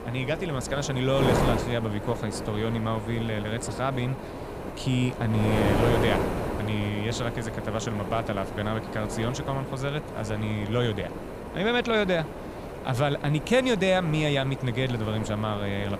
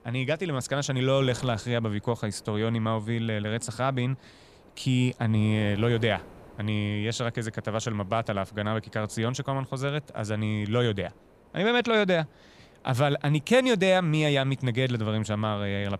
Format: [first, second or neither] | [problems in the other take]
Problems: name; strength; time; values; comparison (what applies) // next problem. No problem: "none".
second | wind noise on the microphone; heavy; 4 dB below the speech; occasional gusts in the second